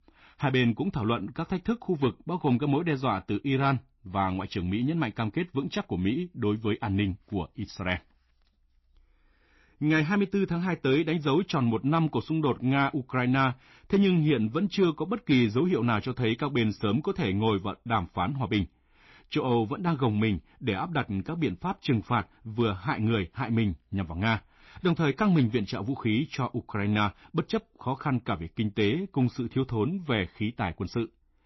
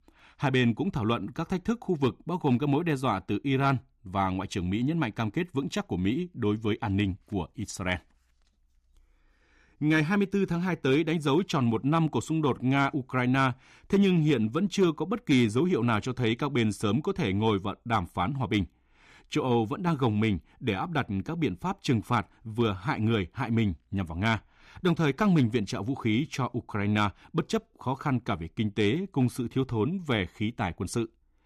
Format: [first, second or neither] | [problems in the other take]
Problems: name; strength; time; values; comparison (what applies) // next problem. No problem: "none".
second | garbled, watery; slightly; nothing above 5.5 kHz